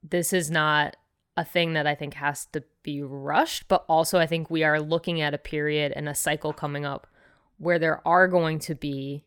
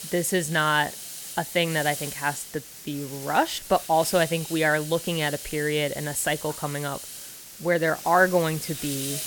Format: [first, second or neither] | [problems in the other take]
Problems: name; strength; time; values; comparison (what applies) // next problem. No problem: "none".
first | hiss; loud; throughout; 10 dB below the speech